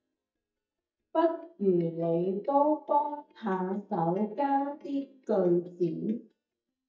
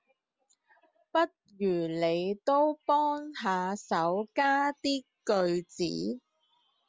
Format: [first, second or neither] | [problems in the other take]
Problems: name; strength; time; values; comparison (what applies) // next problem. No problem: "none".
second | noise reduction (neural mask model DeepFilterNet 3)